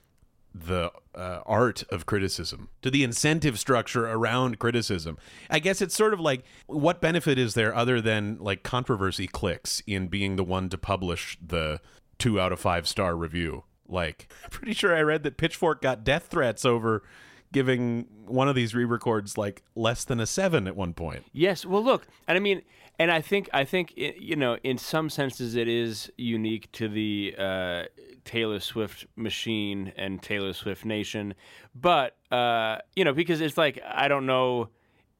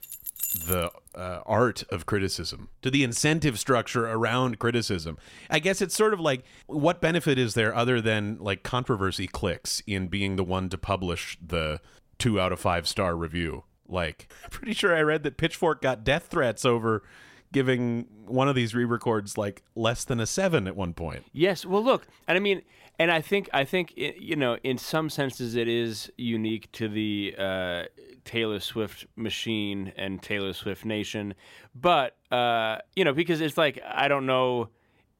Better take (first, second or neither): first